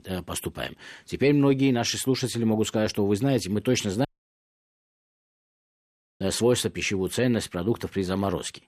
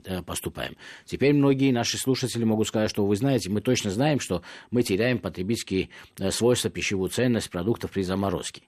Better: second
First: audio cutting out; at 4 s for 2 s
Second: none

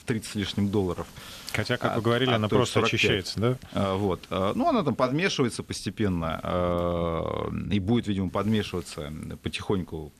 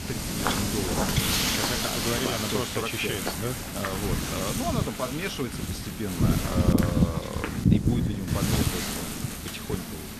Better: first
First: wind noise on the microphone; occasional gusts; 25 dB below the speech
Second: wind noise on the microphone; heavy; 4 dB above the speech

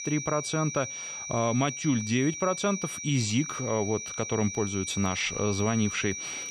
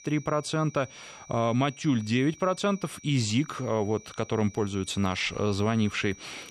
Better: second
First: high-pitched whine; loud; throughout; 6 kHz, 6 dB below the speech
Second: high-pitched whine; faint; throughout; 6 kHz, 20 dB below the speech

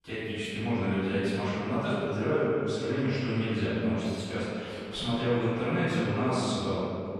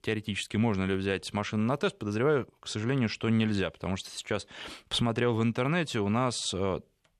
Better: second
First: off-mic speech; far // room echo; strong; dies away in 2.6 s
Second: none

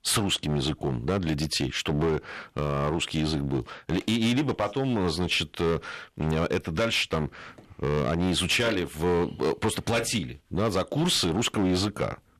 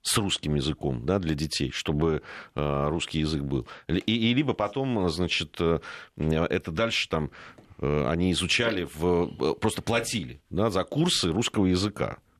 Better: second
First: distortion; slight; 10% of the sound clipped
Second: none

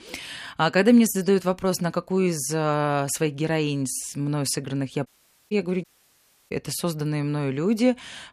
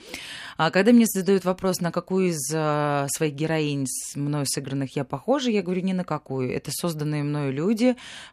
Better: second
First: audio cutting out; at 5 s and at 6 s for 0.5 s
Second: none

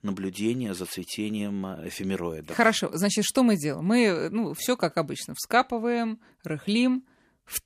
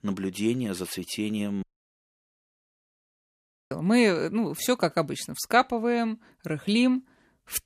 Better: first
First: none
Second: audio cutting out; at 1.5 s for 2 s

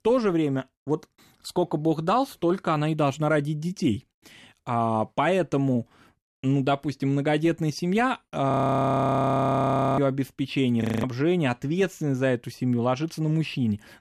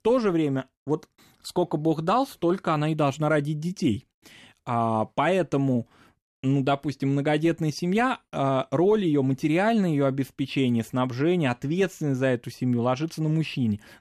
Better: second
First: audio freezing; at 8.5 s for 1.5 s and at 11 s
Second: none

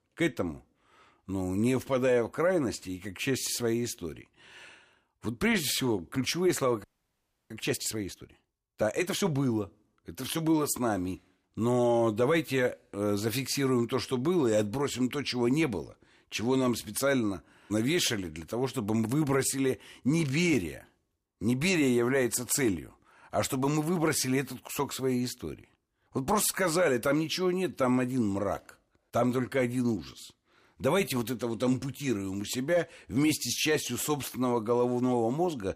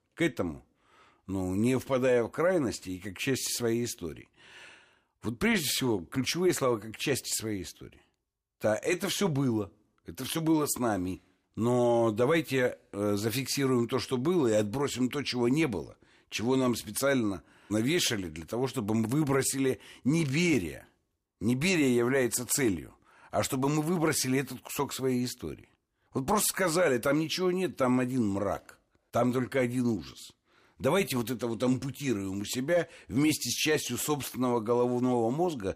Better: second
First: audio freezing; at 7 s for 0.5 s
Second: none

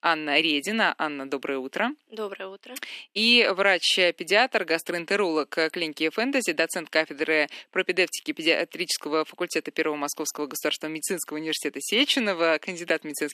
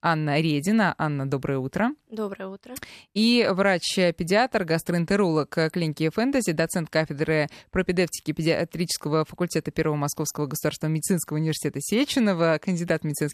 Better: second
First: thin; somewhat; fading below 250 Hz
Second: none

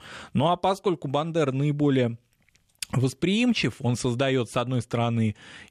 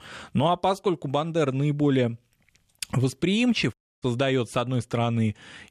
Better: first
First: none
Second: audio cutting out; at 3.5 s

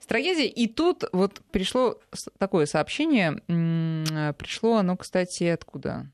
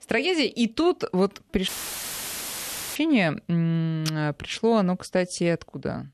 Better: first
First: none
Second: audio cutting out; filled with static; at 1.5 s for 1.5 s

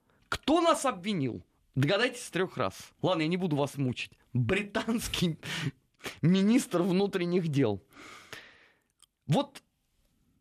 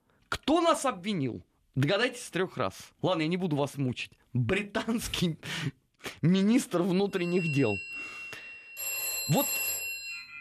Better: first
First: none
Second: alarms or sirens; loud; from 7.5 s on; 3 dB below the speech

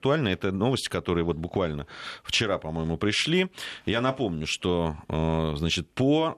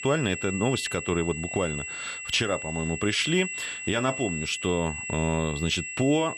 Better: first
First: none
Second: high-pitched whine; loud; throughout; 2.5 kHz, 6 dB below the speech

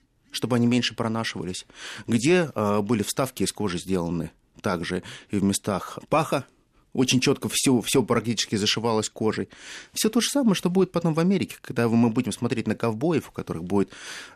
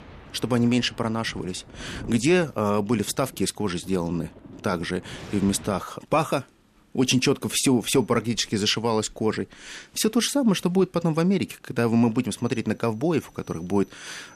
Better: first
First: none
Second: rain or running water; faint; throughout; 20 dB below the speech

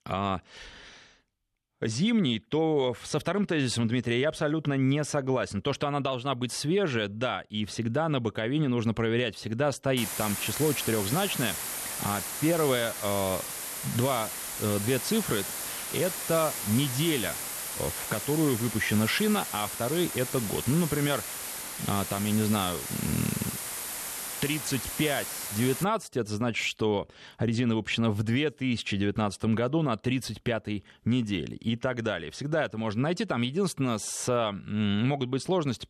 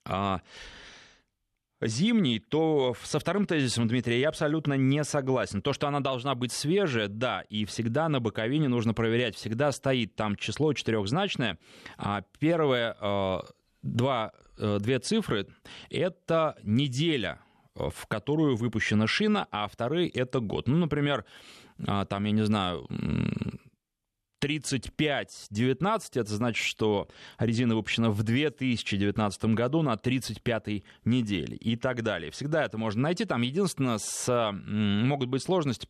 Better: second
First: hiss; loud; from 10 to 26 s; 4 dB below the speech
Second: none

